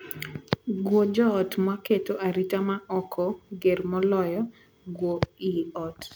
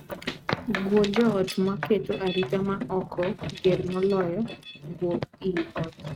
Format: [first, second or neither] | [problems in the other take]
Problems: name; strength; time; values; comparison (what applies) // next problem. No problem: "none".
first | noise reduction (neural mask model RNNoise)